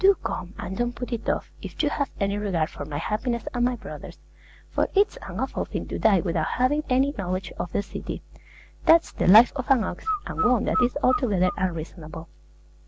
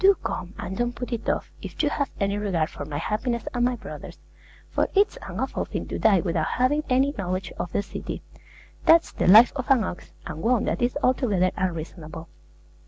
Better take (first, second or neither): second